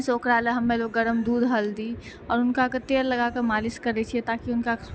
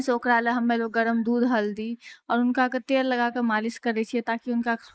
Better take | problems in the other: first | noise reduction (neural mask model Resemble Enhance denoiser)

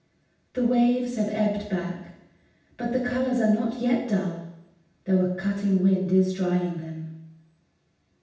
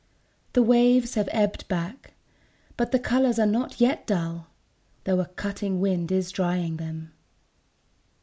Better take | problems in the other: second | room echo; dies away in 0.9 s

